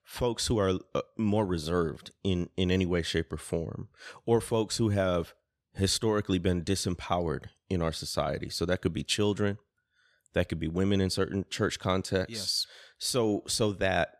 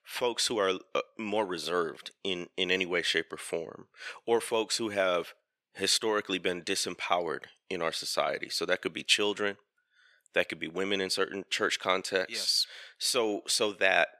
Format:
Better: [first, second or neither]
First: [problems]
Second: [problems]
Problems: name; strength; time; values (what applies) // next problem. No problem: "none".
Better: first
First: none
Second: thin; somewhat; fading below 400 Hz